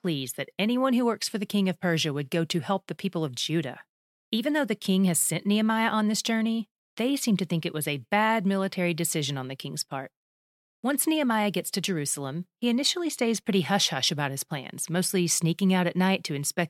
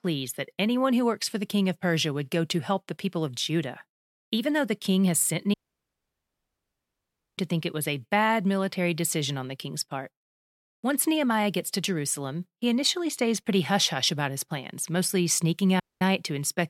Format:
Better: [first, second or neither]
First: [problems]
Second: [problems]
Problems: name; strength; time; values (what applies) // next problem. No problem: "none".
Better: first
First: none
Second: audio cutting out; at 5.5 s for 2 s and at 16 s